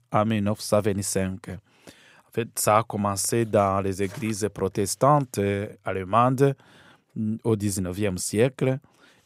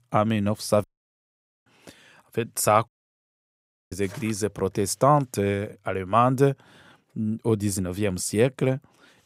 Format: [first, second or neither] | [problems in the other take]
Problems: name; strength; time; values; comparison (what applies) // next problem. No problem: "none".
first | audio cutting out; at 1 s for 1 s and at 3 s for 1 s